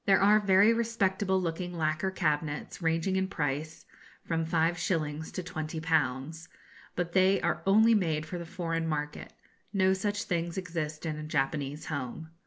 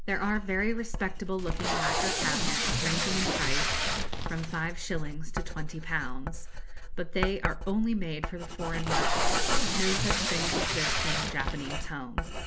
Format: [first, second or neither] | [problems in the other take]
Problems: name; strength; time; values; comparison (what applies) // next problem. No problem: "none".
first | background sound (Writing + Packing tape, duct tape); 5 dB above the speech